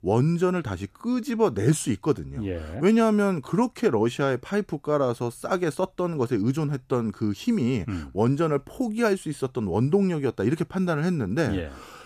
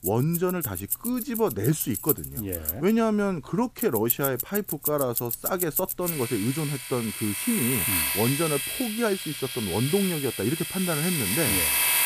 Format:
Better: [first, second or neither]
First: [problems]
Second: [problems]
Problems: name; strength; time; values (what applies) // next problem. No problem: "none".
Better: first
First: none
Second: household noises; loud; throughout; as loud as the speech